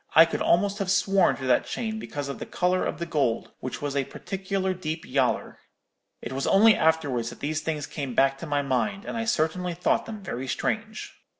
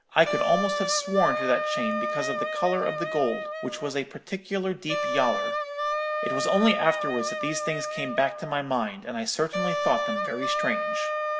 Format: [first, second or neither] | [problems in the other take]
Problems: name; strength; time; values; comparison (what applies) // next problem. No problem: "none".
first | background sound (Wind instrument, woodwind instrument); 2 dB below the speech